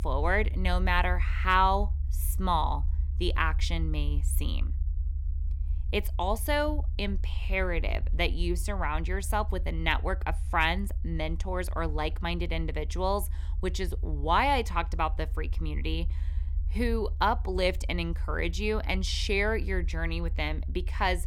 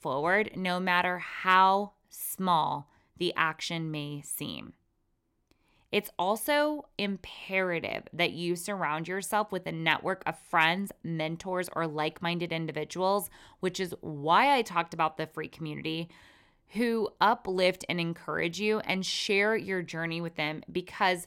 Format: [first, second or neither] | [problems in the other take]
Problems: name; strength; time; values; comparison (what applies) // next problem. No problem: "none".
second | low rumble; faint; throughout; 25 dB below the speech